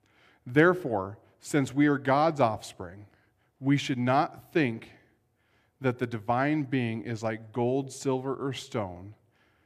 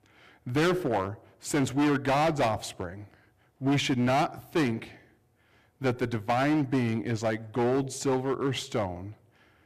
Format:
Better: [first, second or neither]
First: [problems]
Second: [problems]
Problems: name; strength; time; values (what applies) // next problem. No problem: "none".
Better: first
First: none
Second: distortion; heavy; 11% of the sound clipped